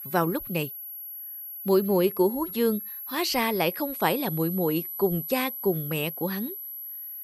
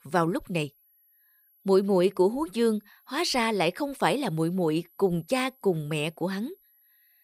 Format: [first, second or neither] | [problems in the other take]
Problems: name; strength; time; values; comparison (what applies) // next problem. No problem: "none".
second | high-pitched whine; loud; throughout; 12 kHz, 7 dB below the speech; faint in the second